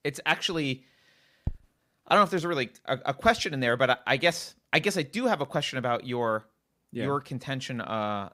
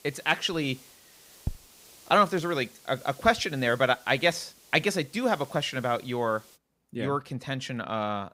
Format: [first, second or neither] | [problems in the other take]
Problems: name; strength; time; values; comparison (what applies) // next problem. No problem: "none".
first | hiss; faint; until 6.5 s; 25 dB below the speech